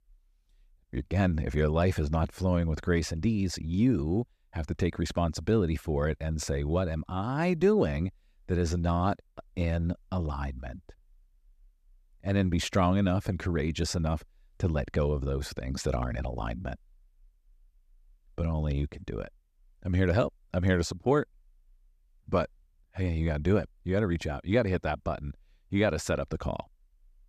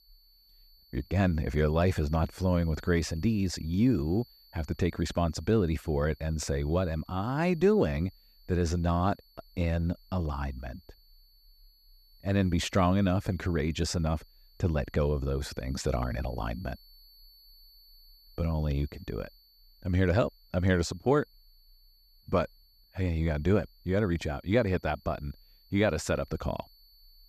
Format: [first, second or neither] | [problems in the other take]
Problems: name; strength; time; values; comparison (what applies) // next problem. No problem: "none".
first | high-pitched whine; faint; throughout; 4.5 kHz, 30 dB below the speech